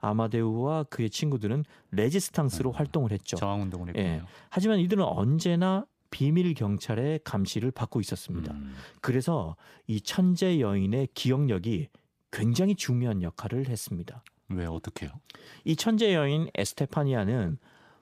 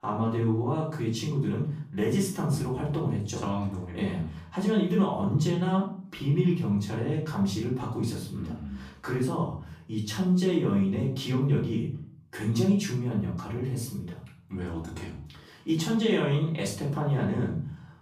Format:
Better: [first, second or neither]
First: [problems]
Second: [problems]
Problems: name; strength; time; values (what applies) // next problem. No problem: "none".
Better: first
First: none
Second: off-mic speech; far // room echo; slight; dies away in 0.4 s